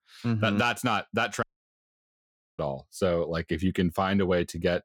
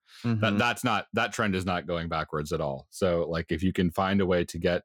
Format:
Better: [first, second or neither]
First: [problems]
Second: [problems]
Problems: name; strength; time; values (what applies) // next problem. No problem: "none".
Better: second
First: audio cutting out; at 1.5 s for 1 s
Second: none